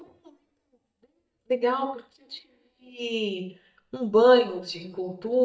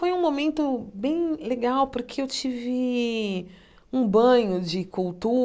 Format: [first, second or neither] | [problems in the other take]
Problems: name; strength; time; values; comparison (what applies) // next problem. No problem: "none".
second | noise reduction (neural mask model DeepFilterNet 3)